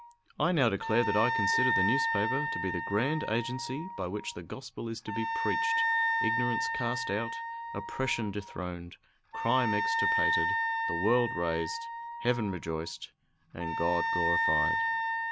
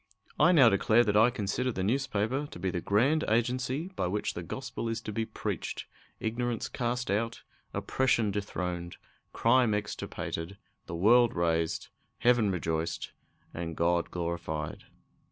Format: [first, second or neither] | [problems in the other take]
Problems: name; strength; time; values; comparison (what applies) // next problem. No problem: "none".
second | background sound (Wind instrument, woodwind instrument); 1 dB above the speech